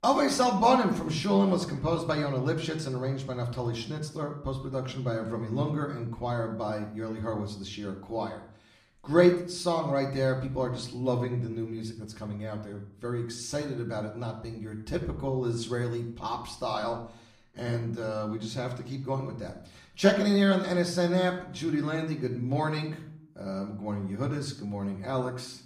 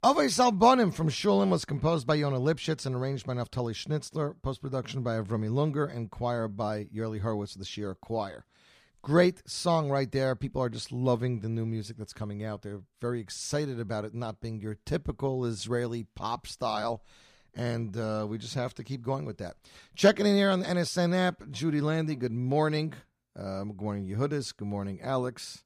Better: second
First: room echo; slight; dies away in 0.5 s // off-mic speech; somewhat distant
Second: none

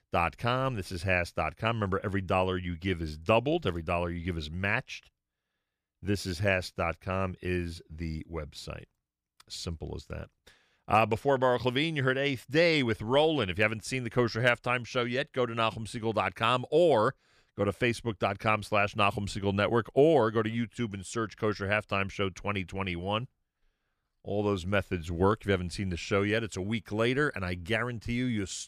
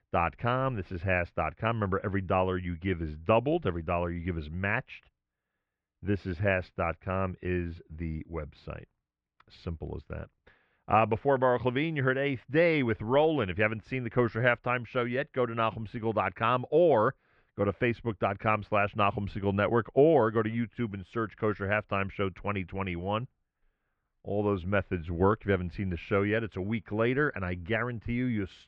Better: first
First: none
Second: muffled; very; fading above 2.5 kHz

